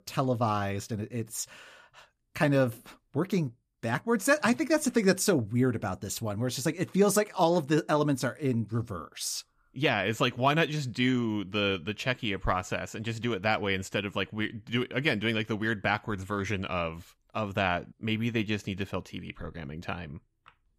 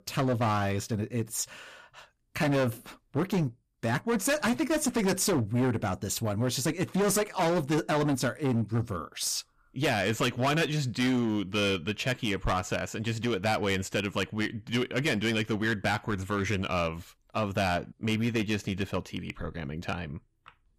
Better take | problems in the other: first | distortion; heavy; 12% of the sound clipped

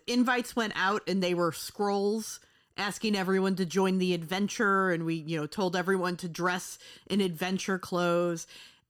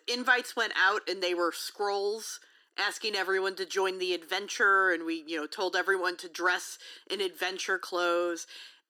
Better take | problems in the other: first | thin; very; fading below 300 Hz

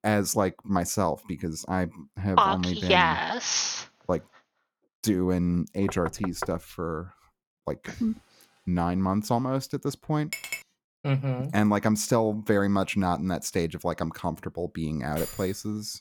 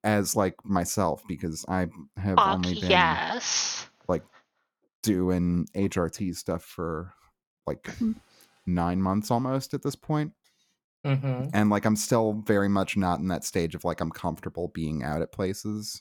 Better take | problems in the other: second | door banging; noticeable; at 6 s; peak 9 dB below the speech // clattering dishes; noticeable; at 10 s; peak 6 dB below the speech // jangling keys; faint; at 15 s; peak 10 dB below the speech

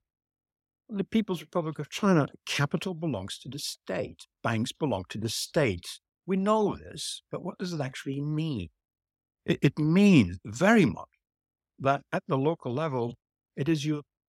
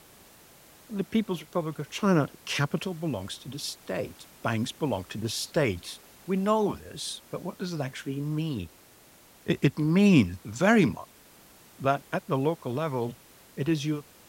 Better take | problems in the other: first | hiss; faint; throughout; 25 dB below the speech

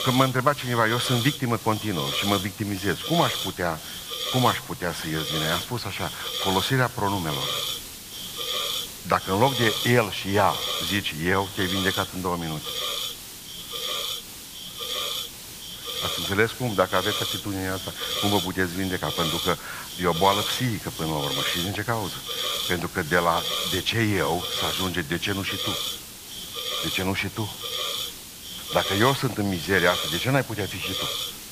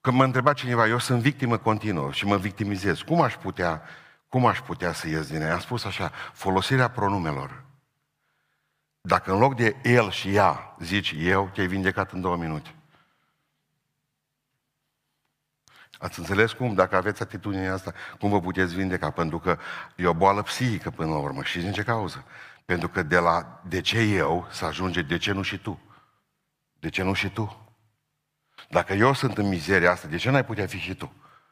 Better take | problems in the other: second | hiss; loud; throughout; 3 dB below the speech

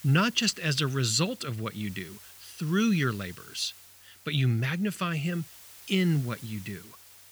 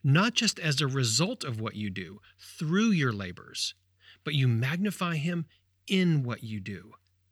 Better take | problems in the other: second | hiss; noticeable; throughout; 20 dB below the speech

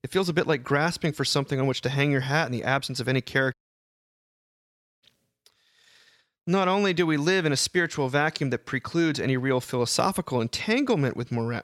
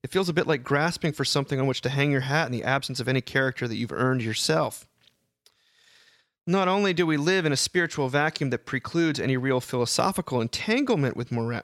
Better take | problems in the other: second | audio cutting out; at 3.5 s for 1.5 s

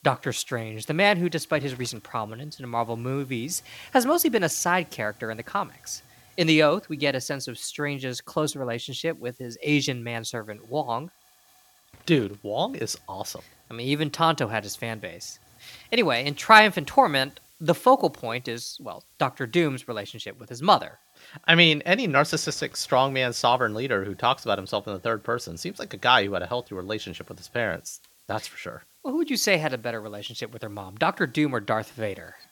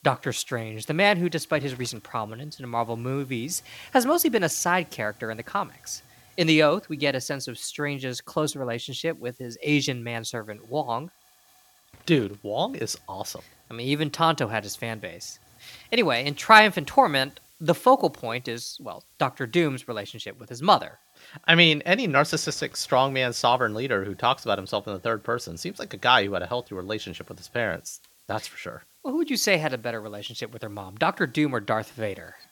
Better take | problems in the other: neither | hiss; faint; throughout; 30 dB below the speech; the same in both

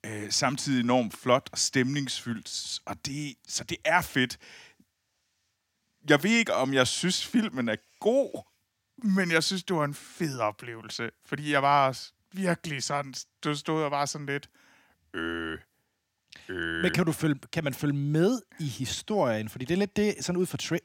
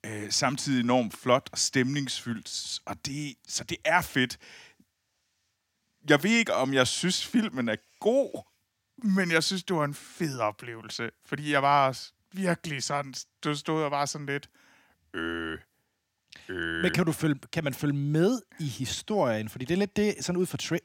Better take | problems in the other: neither | none

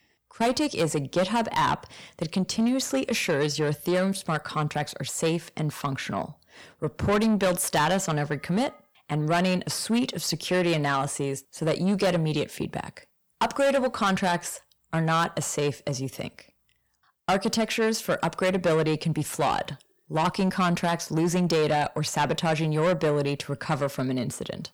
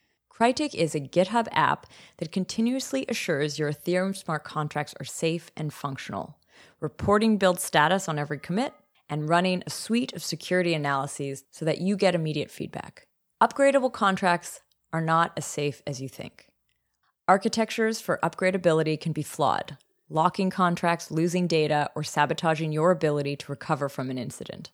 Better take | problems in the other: second | distortion; heavy; 7 dB below the speech

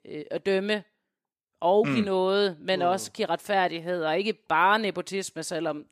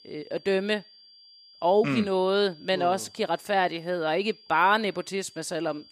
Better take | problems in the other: first | high-pitched whine; faint; throughout; 4.5 kHz, 25 dB below the speech

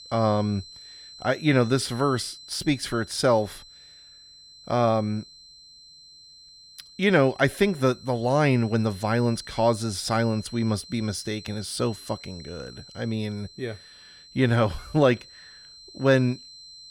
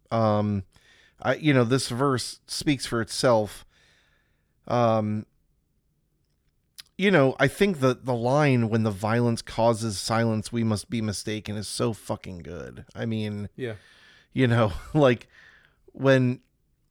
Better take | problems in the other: second | high-pitched whine; noticeable; throughout; 4 kHz, 20 dB below the speech

